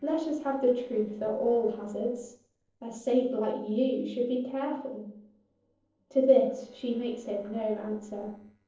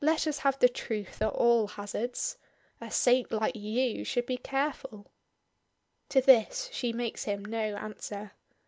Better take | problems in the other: second | noise reduction (neural separator model SepFormer DNS4)

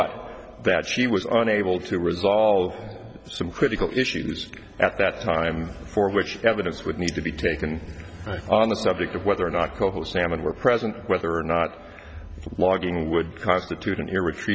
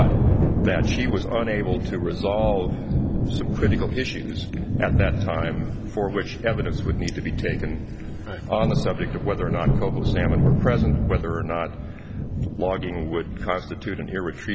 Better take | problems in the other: first | background sound (Thunder); 4 dB above the speech

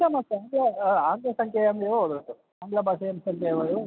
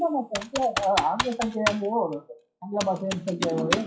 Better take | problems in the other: first | noise reduction (classical method WPE with log-MMSE)

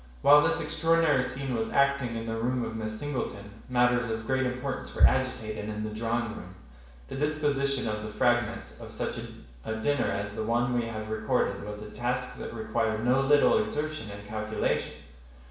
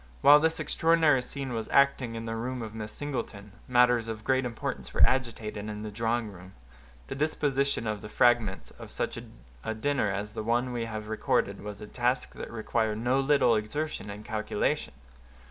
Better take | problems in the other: second | room echo; dies away in 0.7 s

